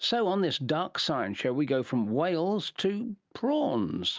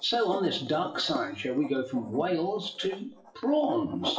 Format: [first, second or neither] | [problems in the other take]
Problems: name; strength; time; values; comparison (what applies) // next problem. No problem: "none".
first | noise reduction (classical method WPE with log-MMSE)